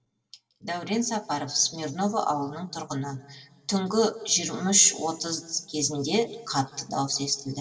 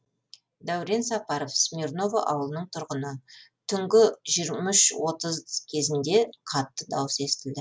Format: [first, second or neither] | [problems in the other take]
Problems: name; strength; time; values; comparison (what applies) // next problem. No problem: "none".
second | room echo; dies away in 1.7 s